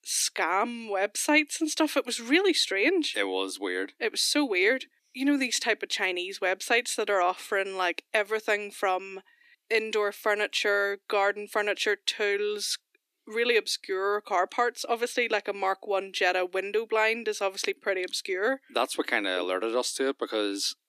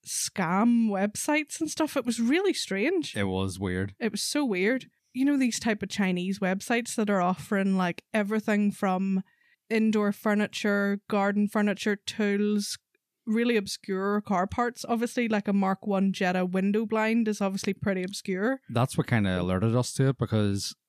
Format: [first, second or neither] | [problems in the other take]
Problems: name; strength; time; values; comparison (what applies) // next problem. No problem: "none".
second | thin; somewhat; fading below 300 Hz